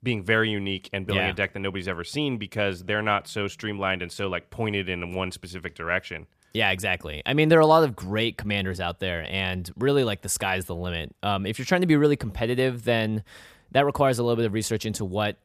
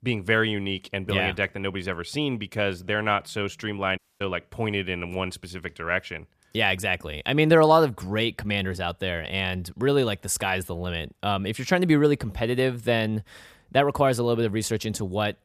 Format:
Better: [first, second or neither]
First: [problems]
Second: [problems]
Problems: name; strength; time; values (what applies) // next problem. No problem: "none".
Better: first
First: none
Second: audio cutting out; at 4 s